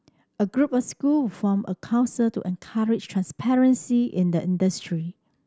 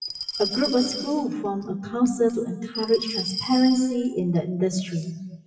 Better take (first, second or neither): first